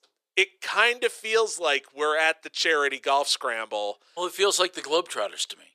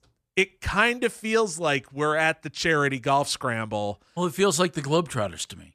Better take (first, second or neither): second